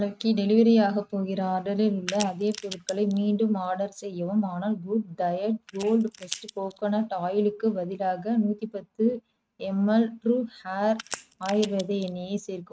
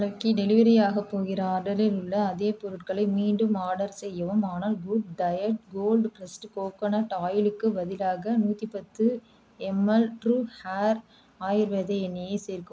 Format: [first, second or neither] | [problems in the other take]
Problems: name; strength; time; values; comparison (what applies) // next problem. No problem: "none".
second | noise reduction (neural mask model RNNoise)